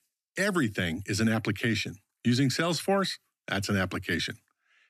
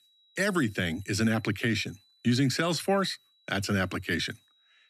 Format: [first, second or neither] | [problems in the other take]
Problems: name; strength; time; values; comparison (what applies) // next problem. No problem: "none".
first | high-pitched whine; faint; throughout; 4 kHz, 35 dB below the speech